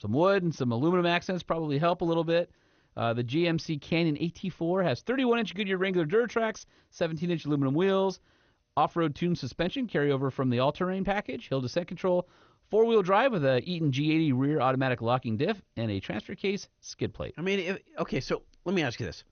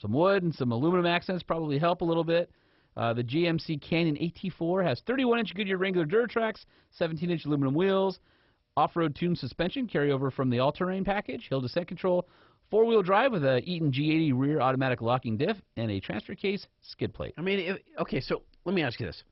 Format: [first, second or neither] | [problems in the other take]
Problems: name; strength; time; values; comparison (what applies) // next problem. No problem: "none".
first | garbled, watery; badly; nothing above 5.5 kHz; slightly in the first